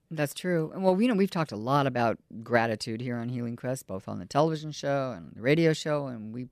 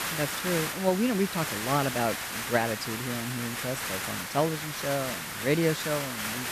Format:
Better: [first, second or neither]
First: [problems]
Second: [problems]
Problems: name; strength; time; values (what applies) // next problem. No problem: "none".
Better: first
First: none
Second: hiss; loud; throughout; 2 dB below the speech